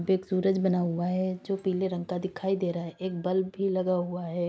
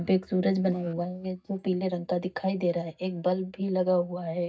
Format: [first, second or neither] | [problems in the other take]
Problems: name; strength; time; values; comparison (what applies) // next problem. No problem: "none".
first | noise reduction (neural mask model DeepFilterNet 3)